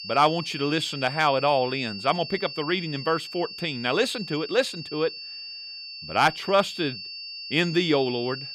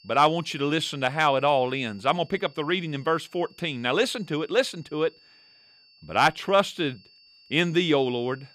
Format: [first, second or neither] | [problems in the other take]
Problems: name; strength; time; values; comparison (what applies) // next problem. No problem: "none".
second | high-pitched whine; loud; throughout; 4.5 kHz, 10 dB below the speech; faint in the second